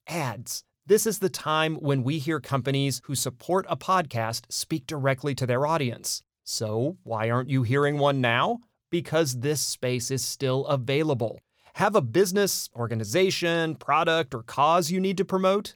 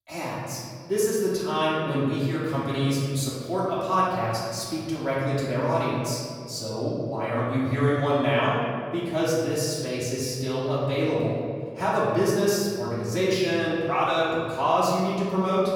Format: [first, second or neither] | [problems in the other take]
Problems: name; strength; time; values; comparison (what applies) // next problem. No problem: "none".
first | off-mic speech; far // room echo; strong; dies away in 1.9 s